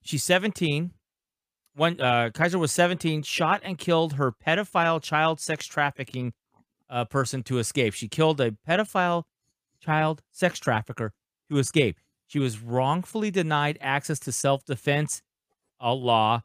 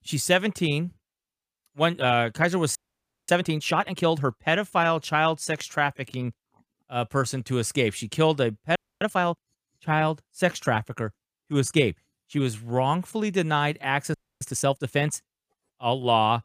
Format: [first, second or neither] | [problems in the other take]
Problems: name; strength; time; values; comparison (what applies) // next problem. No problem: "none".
first | audio freezing; at 3 s for 0.5 s, at 9 s and at 14 s